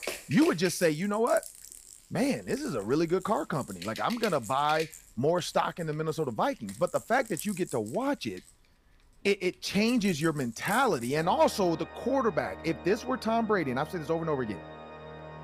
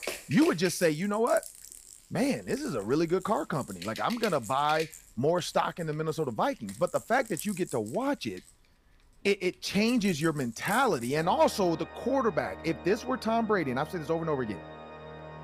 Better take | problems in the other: neither | background music; noticeable; throughout; 15 dB below the speech; the same in both

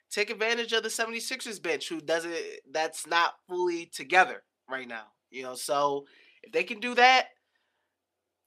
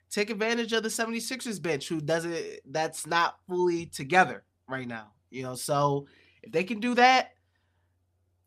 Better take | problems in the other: second | thin; somewhat; fading below 400 Hz

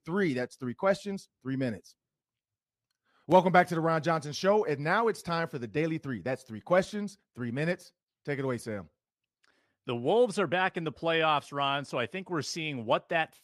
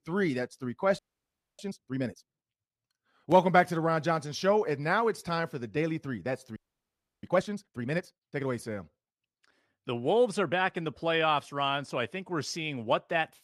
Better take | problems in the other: first | audio freezing; at 1 s for 0.5 s and at 6.5 s for 0.5 s

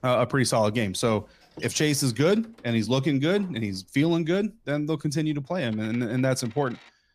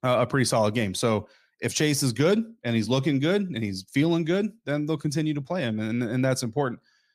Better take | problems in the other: second | household noises; faint; throughout; 25 dB below the speech

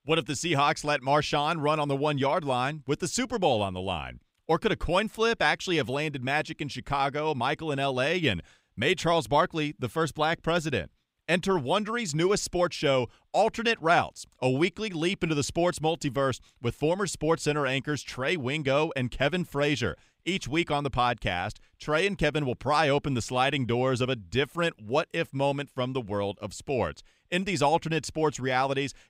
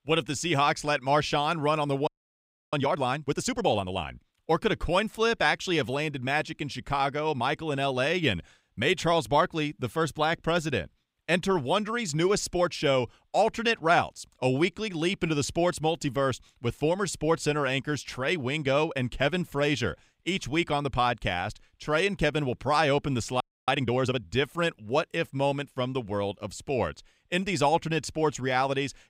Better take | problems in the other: first | audio freezing; at 2 s for 0.5 s and at 23 s

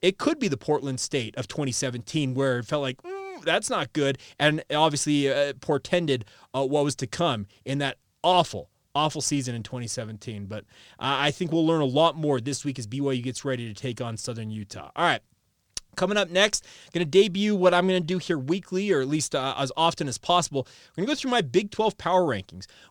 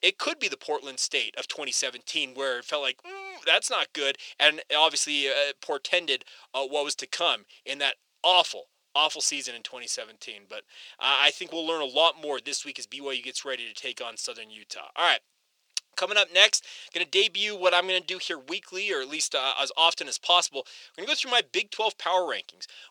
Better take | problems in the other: first | thin; very; fading below 500 Hz

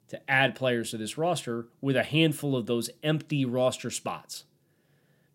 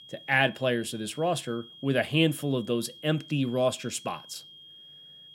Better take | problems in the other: first | high-pitched whine; noticeable; throughout; 3.5 kHz, 20 dB below the speech

